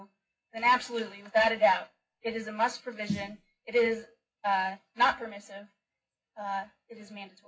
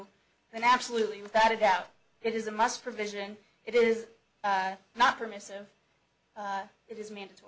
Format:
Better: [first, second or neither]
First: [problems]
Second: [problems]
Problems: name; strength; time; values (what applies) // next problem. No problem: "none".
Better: second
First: noise reduction (classical method WPE with log-MMSE)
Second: none